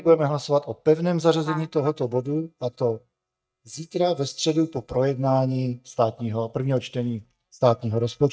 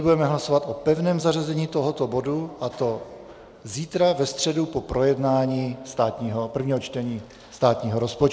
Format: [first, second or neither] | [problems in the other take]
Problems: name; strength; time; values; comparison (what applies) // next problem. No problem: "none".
second | noise reduction (neural mask model DeepFilterNet 3)